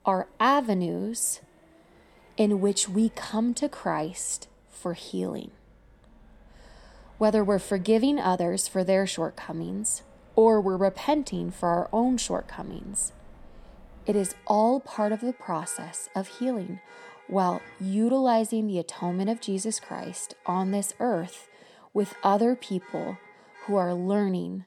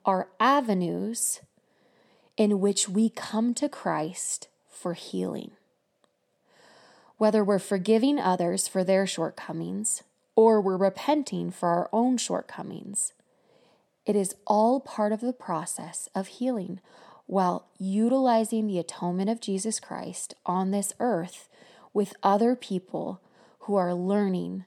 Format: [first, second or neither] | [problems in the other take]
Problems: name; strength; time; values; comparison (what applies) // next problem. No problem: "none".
second | traffic noise; faint; throughout; 25 dB below the speech